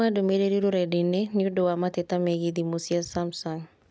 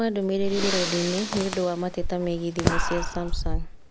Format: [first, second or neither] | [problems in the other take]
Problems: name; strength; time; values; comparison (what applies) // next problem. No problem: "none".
first | background sound (Zipper (clothing) + Breathing); 1 dB below the speech